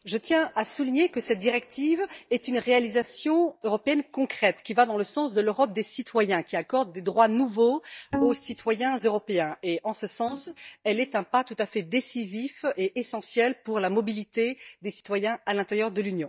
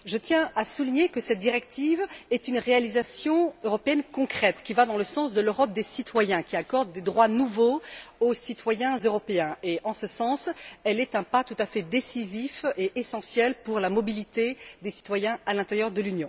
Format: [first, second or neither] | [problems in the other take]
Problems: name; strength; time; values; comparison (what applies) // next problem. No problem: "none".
second | noise reduction (neural mask model DeepFilterNet 3)